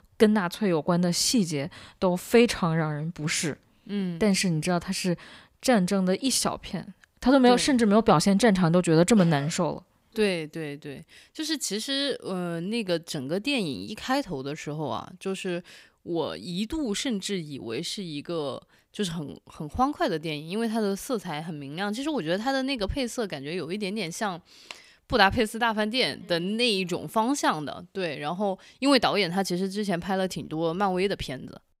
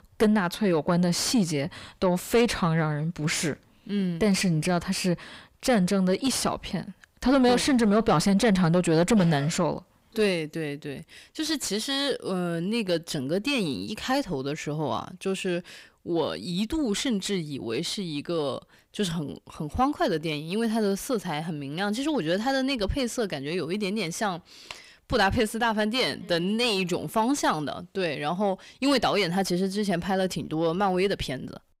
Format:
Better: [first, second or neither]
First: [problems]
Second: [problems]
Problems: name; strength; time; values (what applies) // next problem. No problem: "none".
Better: first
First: none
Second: distortion; slight; 10 dB below the speech